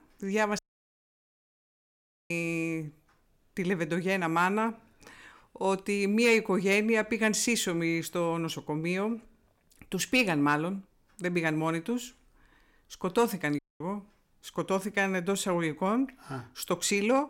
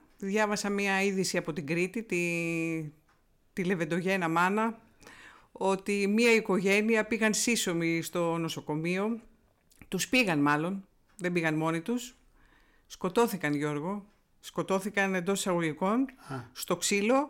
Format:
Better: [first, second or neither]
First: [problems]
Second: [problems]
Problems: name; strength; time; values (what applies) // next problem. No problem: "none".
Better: second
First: audio cutting out; at 0.5 s for 1.5 s and at 14 s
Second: none